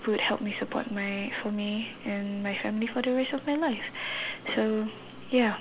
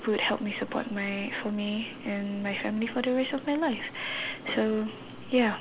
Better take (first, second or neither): first